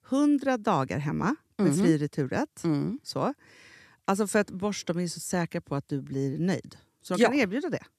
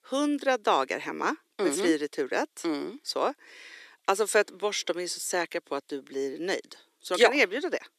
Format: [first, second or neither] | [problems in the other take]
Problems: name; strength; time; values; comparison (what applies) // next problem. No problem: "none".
first | thin; somewhat; fading below 350 Hz